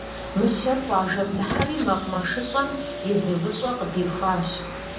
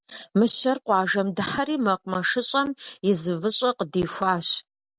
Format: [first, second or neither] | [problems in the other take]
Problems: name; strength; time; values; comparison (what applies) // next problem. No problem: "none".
second | background sound (Car); 8 dB below the speech // room echo; dies away in 0.6 s